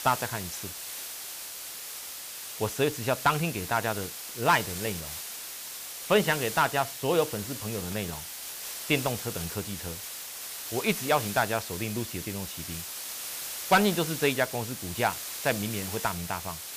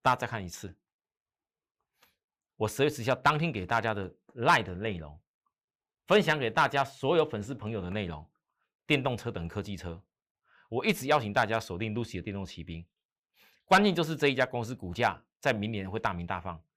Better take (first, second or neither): second